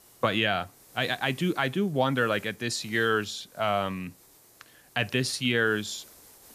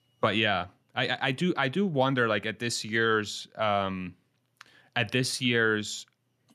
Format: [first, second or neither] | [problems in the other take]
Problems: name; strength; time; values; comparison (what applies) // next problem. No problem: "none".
second | hiss; faint; throughout; 25 dB below the speech